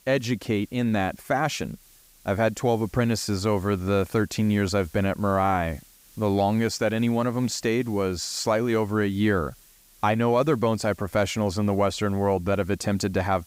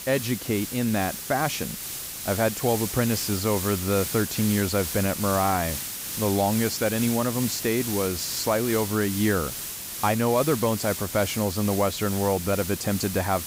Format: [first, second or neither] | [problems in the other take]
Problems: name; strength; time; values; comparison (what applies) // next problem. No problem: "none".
first | hiss; loud; throughout; 5 dB below the speech; faint in the first